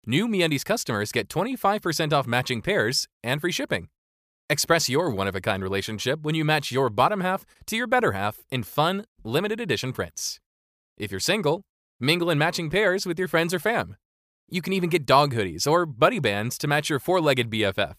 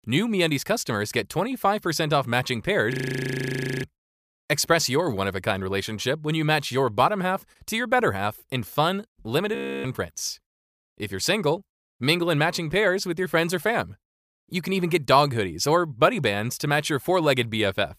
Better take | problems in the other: first | audio freezing; at 3 s for 1 s and at 9.5 s

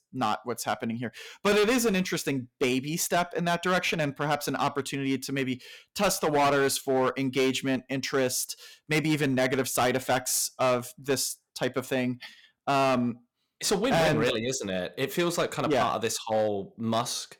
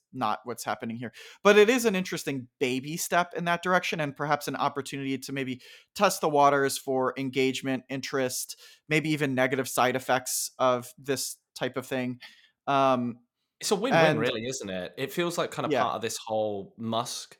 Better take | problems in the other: second | distortion; heavy; 8% of the sound clipped

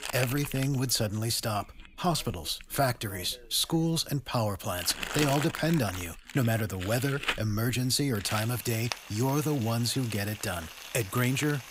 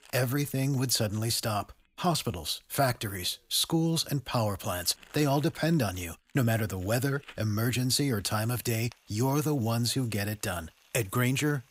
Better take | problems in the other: second | household noises; loud; throughout; 9 dB below the speech; faint in the second

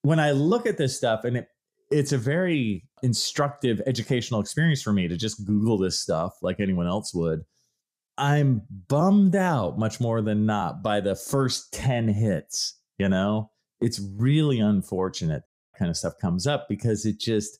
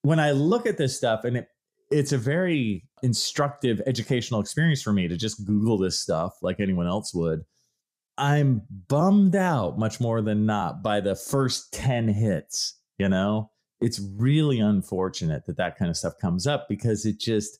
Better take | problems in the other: second | audio cutting out; at 15 s

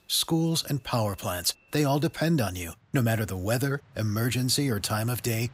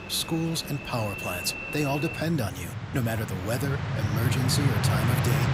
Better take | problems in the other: first | train or aircraft noise; loud; throughout; as loud as the speech; faint in the first

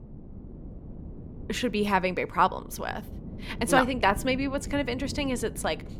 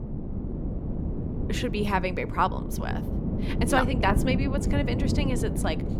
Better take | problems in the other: first | wind noise on the microphone; heavy; 9 dB below the speech; occasional gusts in the first

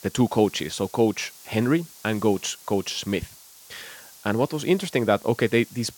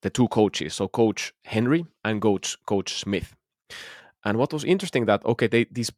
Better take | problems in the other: second | hiss; faint; throughout; 20 dB below the speech

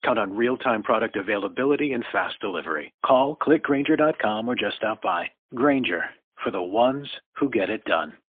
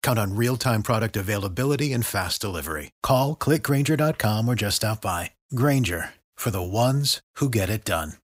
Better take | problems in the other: second | phone-call audio; poor line; nothing above 3.5 kHz

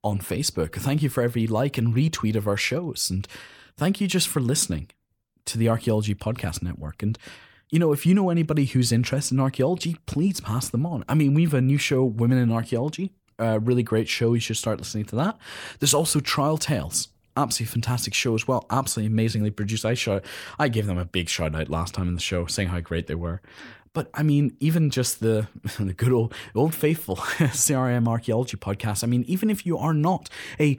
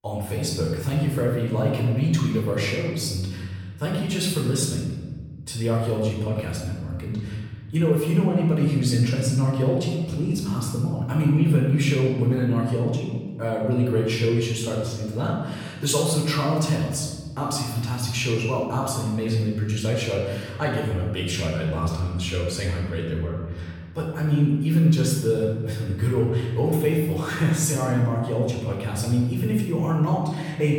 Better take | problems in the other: first | off-mic speech; far // room echo; noticeable; dies away in 1.4 s

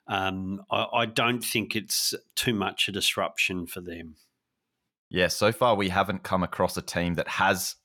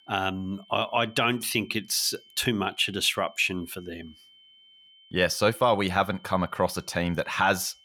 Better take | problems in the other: first | high-pitched whine; faint; throughout; 3 kHz, 25 dB below the speech

